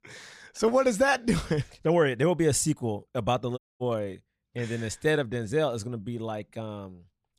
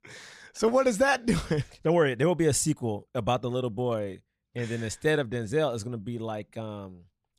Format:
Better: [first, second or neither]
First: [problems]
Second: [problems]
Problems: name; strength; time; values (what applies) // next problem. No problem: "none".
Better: second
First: audio cutting out; at 3.5 s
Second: none